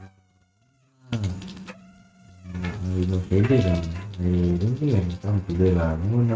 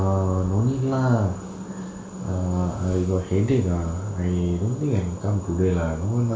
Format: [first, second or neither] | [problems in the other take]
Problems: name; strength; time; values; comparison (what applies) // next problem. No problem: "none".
second | noise reduction (neural mask model RNNoise)